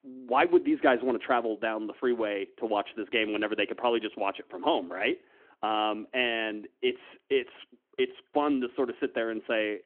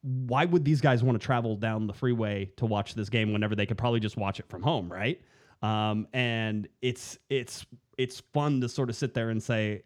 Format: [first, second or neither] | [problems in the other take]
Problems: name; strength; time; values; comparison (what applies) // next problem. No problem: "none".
second | phone-call audio; nothing above 3.5 kHz